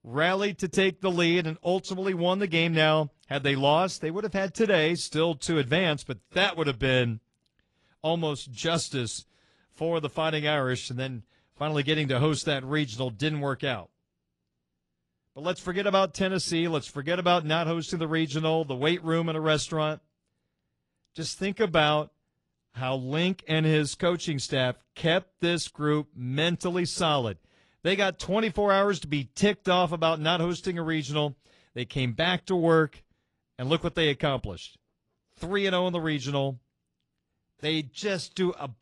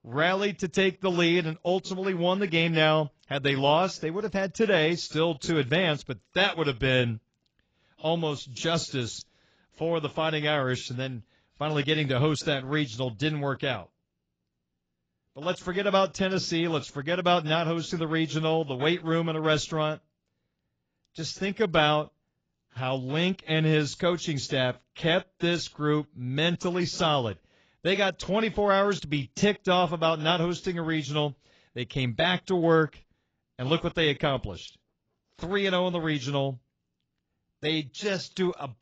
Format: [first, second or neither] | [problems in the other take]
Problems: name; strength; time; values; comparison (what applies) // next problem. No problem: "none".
first | garbled, watery; badly; nothing above 7.5 kHz; slightly in the first